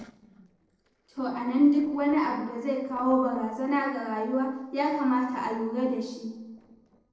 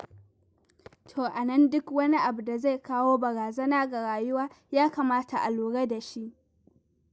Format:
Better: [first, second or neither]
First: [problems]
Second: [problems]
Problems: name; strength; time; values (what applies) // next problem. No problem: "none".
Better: second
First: noise reduction (neural separator model SepFormer DNS4)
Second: none